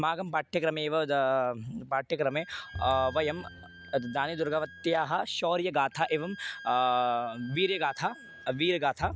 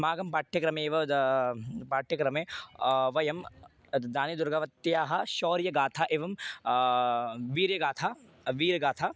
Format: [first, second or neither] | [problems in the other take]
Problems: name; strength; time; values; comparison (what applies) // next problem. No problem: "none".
second | background sound (Bowed string instrument + Wind instrument, woodwind instrument); 17 dB below the speech